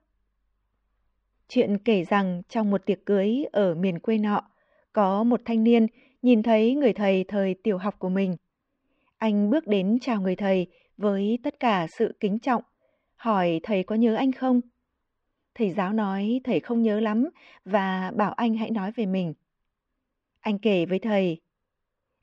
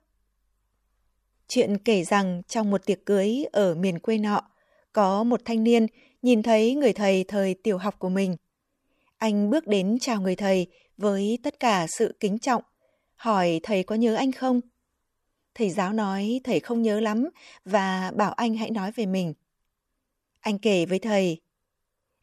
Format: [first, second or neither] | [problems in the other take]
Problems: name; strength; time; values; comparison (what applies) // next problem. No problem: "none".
second | muffled; slightly; fading above 3.5 kHz